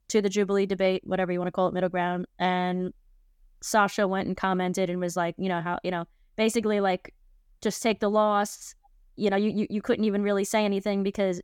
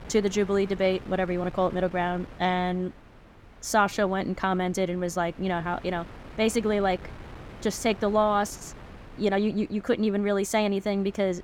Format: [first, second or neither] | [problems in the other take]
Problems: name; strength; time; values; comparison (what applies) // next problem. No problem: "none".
first | wind noise on the microphone; occasional gusts; 20 dB below the speech